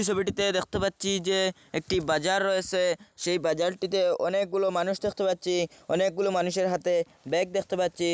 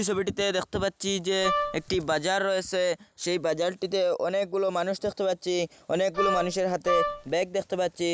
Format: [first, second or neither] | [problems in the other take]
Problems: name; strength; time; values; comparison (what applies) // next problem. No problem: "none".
first | background sound (Wind instrument, woodwind instrument); 2 dB below the speech